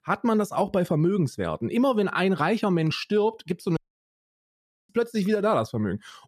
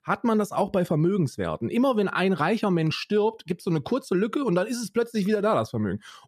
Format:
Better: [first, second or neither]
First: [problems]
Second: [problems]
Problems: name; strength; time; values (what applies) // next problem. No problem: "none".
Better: second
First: audio cutting out; at 4 s for 1 s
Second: none